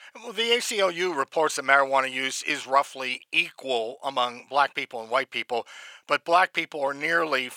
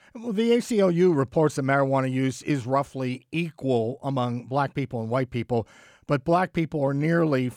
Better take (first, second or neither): second